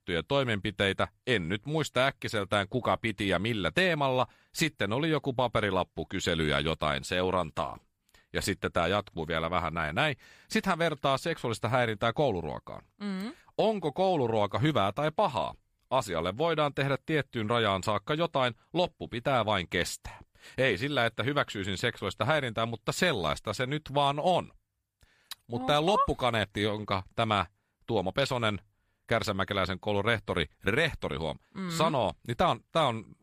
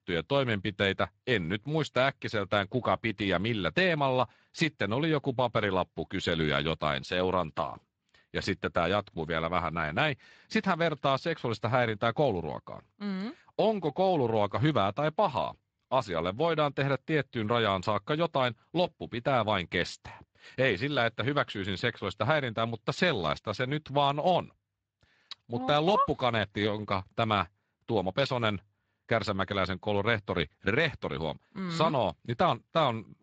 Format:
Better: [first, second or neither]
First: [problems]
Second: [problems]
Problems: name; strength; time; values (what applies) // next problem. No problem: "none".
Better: first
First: none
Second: garbled, watery; slightly; nothing above 7.5 kHz